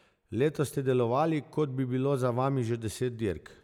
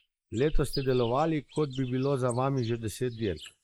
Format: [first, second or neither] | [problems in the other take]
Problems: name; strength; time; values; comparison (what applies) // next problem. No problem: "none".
first | noise reduction (neural mask model Resemble Enhance denoiser)